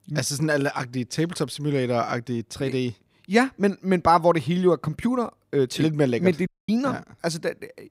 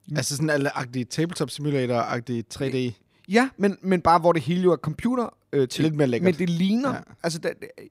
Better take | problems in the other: second | audio cutting out; at 6.5 s

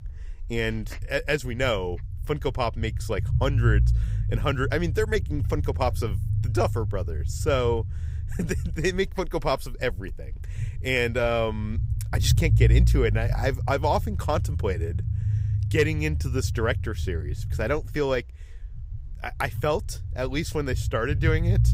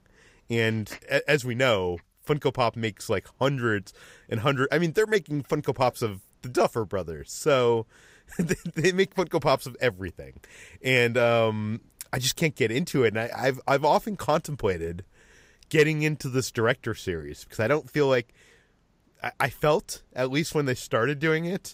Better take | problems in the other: second | low rumble; noticeable; throughout; 15 dB below the speech

